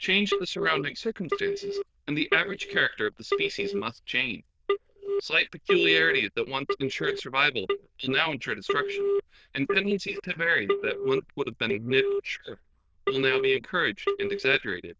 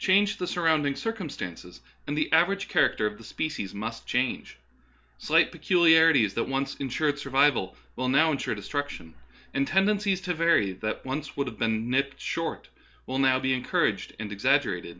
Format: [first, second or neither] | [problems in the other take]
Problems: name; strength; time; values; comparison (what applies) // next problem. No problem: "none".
second | noise reduction (neural diffusion model UNIVERSE++)